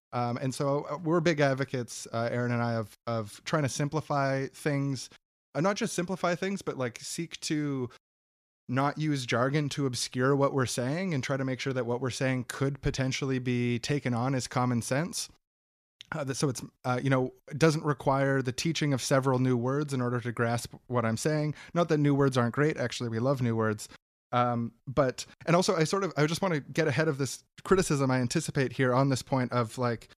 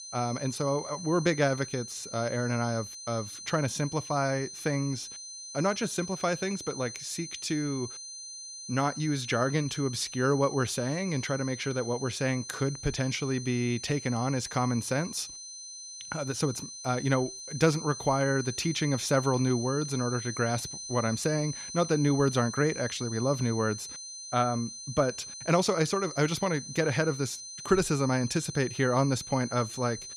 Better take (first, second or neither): first